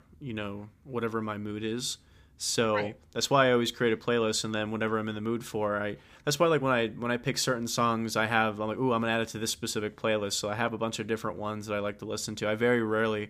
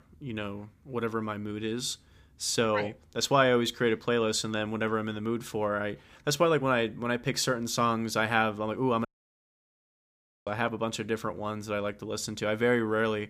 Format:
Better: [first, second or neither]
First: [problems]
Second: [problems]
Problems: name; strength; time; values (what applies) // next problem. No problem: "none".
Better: first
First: none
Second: audio cutting out; at 9 s for 1.5 s